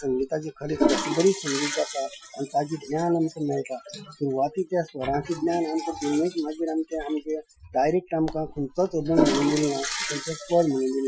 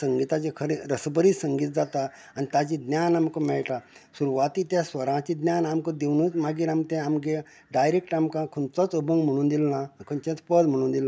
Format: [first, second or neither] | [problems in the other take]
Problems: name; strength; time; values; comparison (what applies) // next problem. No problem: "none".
second | noise reduction (classical method Wiener filter)